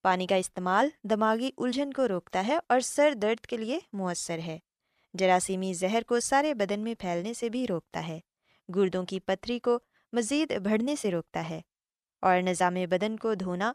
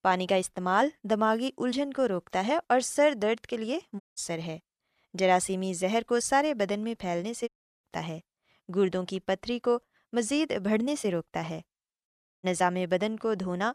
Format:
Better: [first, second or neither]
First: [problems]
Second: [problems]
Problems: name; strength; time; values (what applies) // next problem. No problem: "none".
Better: first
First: none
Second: audio cutting out; at 4 s, at 7.5 s and at 12 s